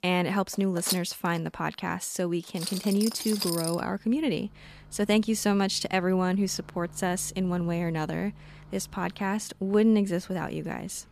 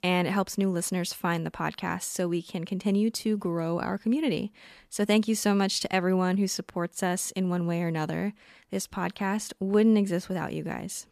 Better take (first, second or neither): second